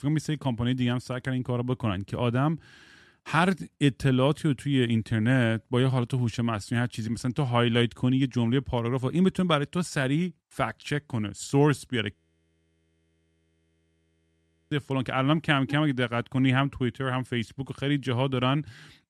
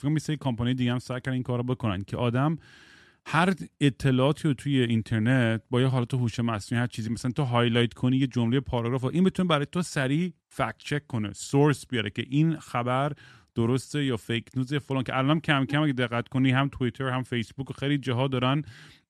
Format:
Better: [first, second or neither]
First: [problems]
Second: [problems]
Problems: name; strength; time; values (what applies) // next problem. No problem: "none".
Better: second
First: audio freezing; at 12 s for 2.5 s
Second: none